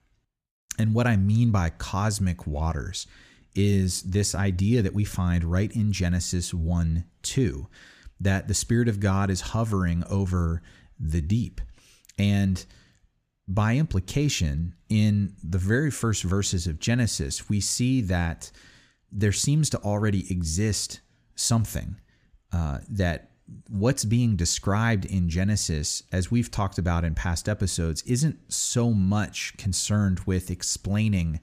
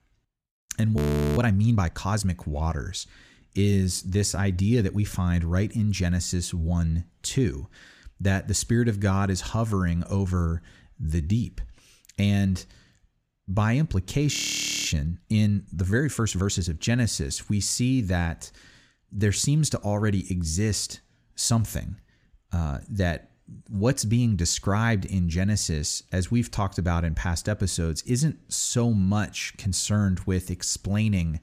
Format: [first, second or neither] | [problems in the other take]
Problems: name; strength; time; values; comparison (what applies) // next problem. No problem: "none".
first | audio freezing; at 1 s and at 14 s for 0.5 s